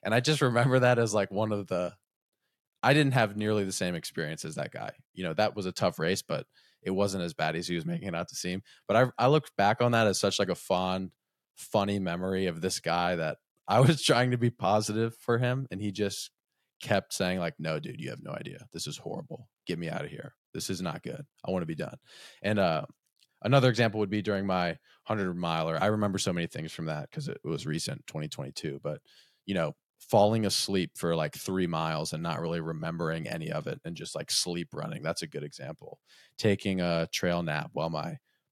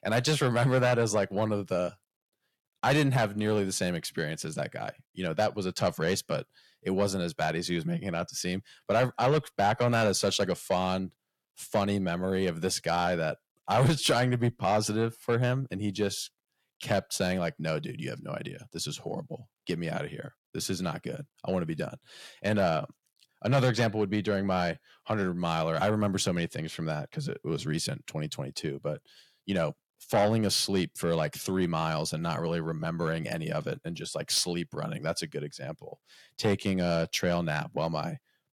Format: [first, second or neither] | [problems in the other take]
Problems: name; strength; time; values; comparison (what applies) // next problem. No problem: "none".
first | distortion; slight; 10 dB below the speech